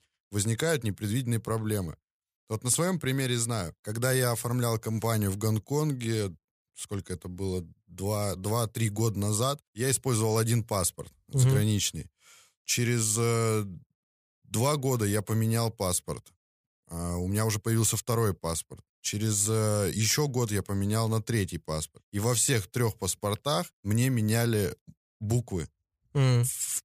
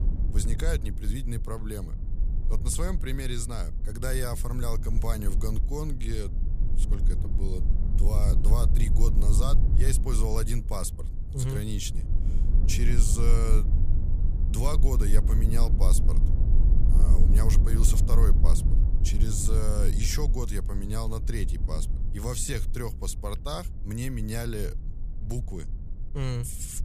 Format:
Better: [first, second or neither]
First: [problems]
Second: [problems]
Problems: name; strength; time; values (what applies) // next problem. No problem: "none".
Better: first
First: none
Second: low rumble; loud; throughout; 9 dB below the speech